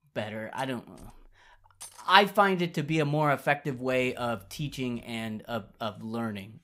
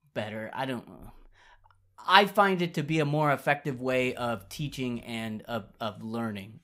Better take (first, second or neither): second